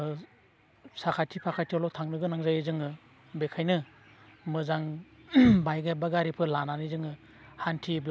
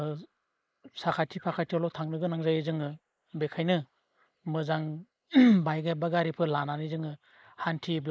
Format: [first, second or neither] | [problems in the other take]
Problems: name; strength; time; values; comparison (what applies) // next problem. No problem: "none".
first | noise reduction (neural mask model Resemble Enhance denoiser)